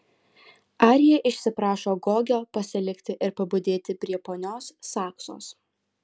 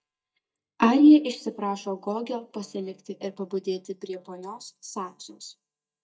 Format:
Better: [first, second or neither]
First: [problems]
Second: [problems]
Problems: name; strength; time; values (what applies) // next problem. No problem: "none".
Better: first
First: none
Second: noise reduction (neural mask model DeepFilterNet 3)